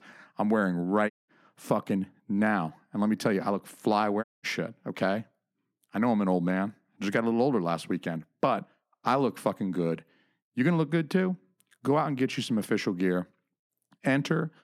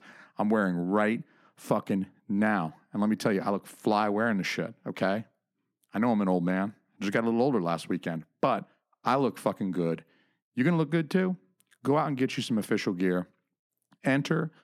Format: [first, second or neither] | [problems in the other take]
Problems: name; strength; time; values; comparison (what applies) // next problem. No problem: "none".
second | audio cutting out; at 1 s and at 4 s